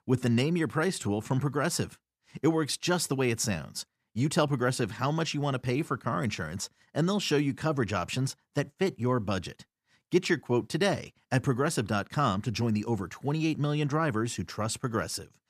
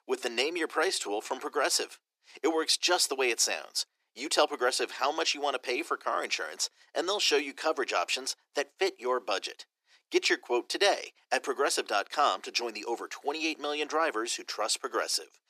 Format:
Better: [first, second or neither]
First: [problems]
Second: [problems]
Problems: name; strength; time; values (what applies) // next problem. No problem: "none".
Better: first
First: none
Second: thin; very; fading below 350 Hz